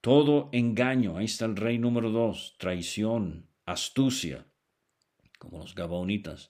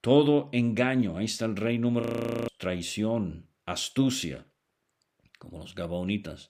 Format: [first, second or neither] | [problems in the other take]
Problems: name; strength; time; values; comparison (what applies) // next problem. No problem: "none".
first | audio freezing; at 2 s